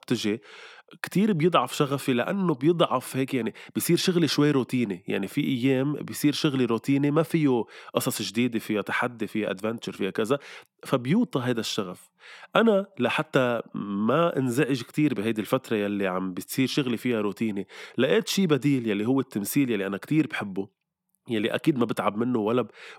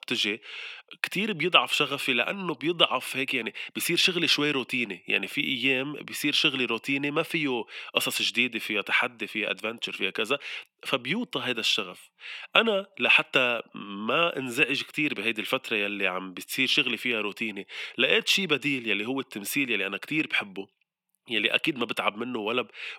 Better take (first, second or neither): first